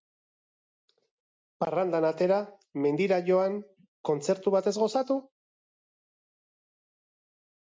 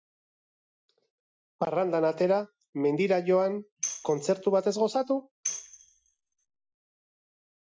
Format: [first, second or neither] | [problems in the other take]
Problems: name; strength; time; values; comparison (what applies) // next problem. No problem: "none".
first | noise reduction (classical method Wiener filter)